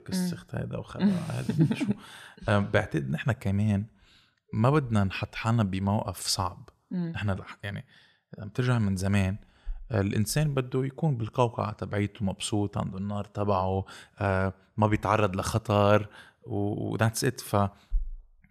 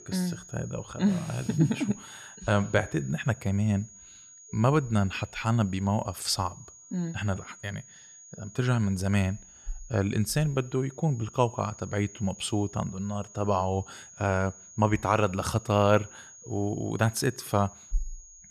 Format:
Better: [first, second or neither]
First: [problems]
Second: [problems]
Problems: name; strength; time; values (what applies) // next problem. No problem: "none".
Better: first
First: none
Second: high-pitched whine; noticeable; throughout; 6.5 kHz, 20 dB below the speech